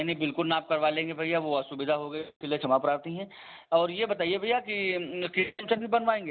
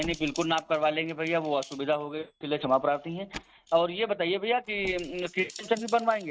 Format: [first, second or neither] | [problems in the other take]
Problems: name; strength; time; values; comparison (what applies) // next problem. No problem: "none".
first | noise reduction (neural mask model RNNoise)